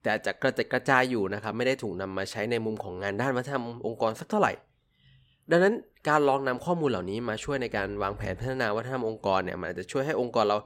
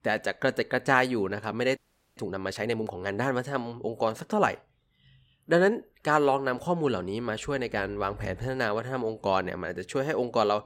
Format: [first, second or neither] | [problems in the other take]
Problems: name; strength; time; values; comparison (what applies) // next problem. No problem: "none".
first | audio freezing; at 2 s